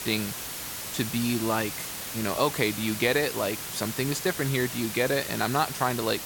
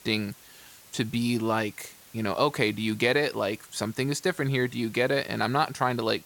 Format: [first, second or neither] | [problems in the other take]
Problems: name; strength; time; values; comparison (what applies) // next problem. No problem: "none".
second | hiss; loud; throughout; 6 dB below the speech; faint in the second